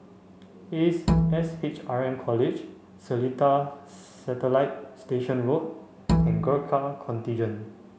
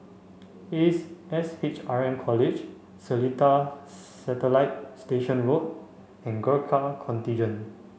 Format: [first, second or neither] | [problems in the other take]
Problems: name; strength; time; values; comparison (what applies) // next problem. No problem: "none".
second | background sound (Bowed string instrument); 1 dB above the speech